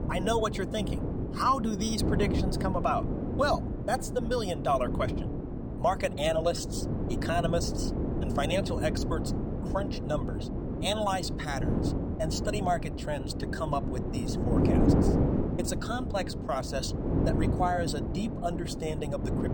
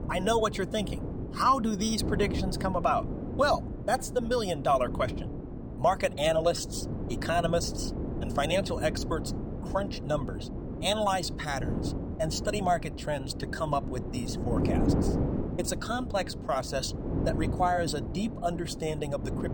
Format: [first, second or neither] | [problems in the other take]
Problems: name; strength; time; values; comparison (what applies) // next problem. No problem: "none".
second | wind noise on the microphone; heavy; 6 dB below the speech; occasional gusts in the second